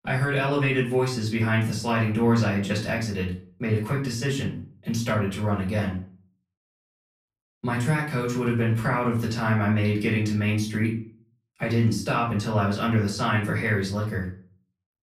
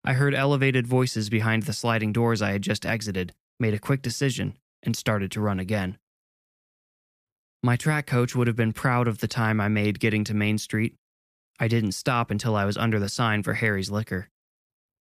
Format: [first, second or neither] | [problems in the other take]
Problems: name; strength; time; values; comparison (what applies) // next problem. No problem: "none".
second | off-mic speech; far // room echo; slight; dies away in 0.4 s